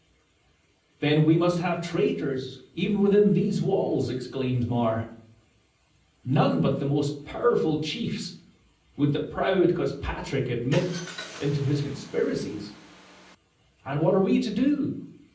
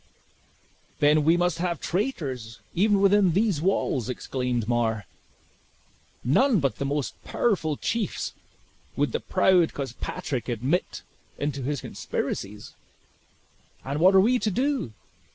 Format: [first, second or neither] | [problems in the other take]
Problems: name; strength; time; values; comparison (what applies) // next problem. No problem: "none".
second | background sound (Car); 17 dB below the speech // room echo; dies away in 0.6 s